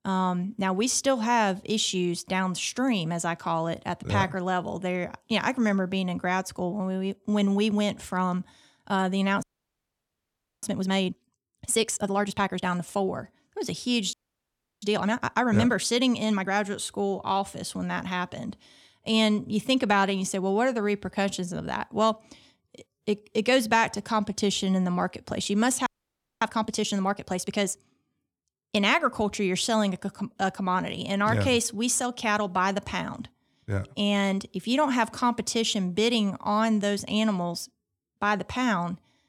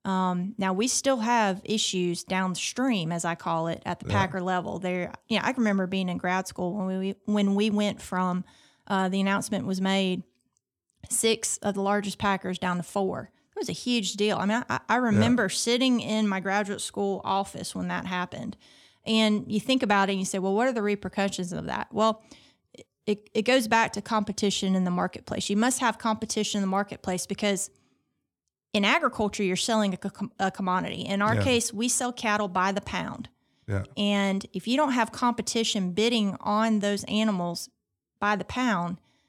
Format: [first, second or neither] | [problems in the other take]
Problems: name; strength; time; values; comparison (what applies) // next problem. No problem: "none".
second | audio freezing; at 9.5 s for 1 s, at 14 s for 0.5 s and at 26 s for 0.5 s